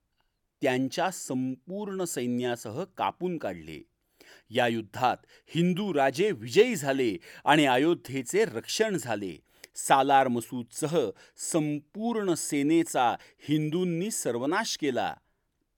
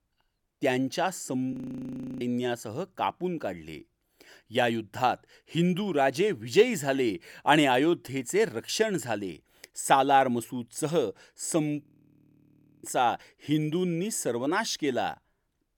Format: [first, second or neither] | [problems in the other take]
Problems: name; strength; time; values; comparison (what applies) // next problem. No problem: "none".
first | audio freezing; at 1.5 s for 0.5 s and at 12 s for 1 s